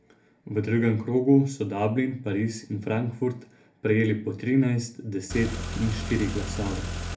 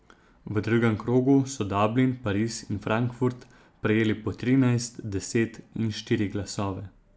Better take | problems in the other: second | background sound (Car); 5 dB below the speech // room echo; dies away in 0.3 s

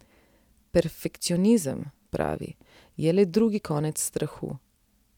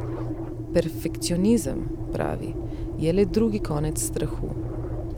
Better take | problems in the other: first | background sound (Engine); 3 dB below the speech

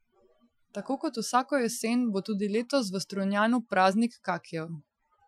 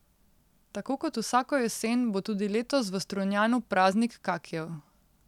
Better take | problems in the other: second | noise reduction (classical method Wiener filter)

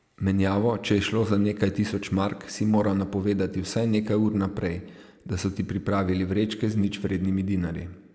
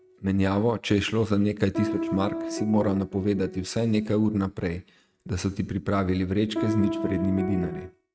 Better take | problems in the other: first | noise reduction (neural mask model RNNoise)

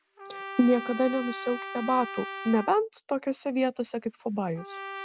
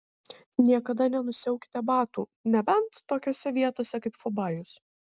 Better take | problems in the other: second | background sound (Trumpet); 12 dB below the speech

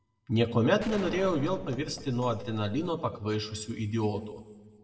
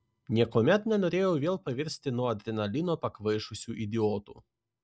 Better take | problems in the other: second | background sound (Gunshot, gunfire); 13 dB below the speech // room echo; dies away in 1.5 s

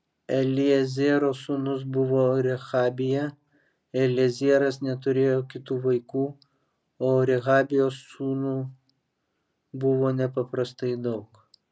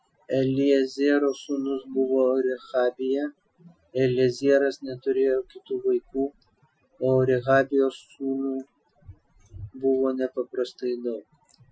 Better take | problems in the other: first | noise reduction (classical method Wiener filter)

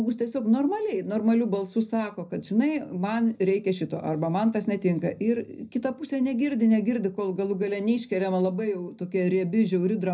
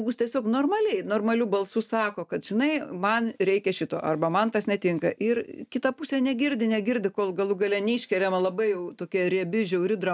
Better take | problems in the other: second | room echo; dies away in 0.4 s

